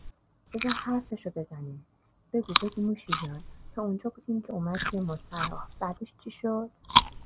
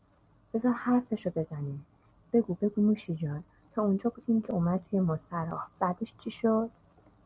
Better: second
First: background sound (Chewing, mastication); as loud as the speech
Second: none

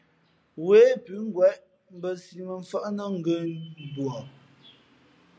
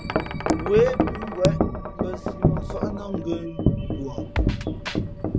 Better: first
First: none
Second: background sound (Wind chime + Drum kit); 4 dB above the speech

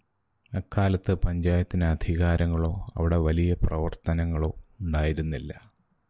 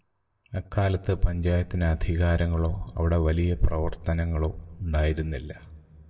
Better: first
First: none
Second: room echo; dies away in 0.4 s

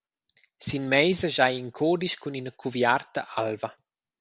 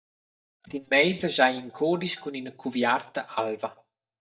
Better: first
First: none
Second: noise reduction (neural mask model DeepFilterNet 3)

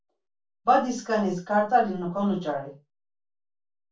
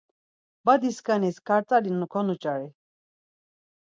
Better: second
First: room echo; dies away in 0.2 s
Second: none

